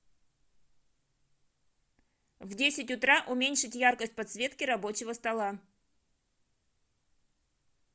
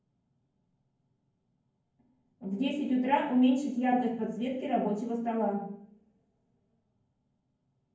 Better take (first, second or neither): first